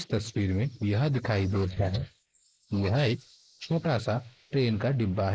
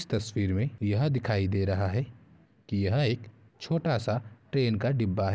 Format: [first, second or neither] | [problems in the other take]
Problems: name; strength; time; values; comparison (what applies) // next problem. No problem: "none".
second | noise reduction (neural mask model Resemble Enhance denoiser)